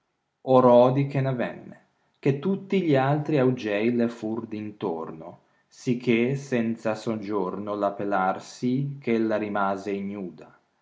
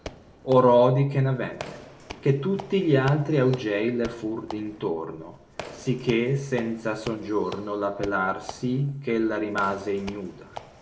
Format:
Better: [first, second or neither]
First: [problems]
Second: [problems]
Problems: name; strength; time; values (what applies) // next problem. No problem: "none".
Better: first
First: none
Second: background sound (Squeak / Walk, footsteps); 18 dB below the speech // room echo; dies away in 0.9 s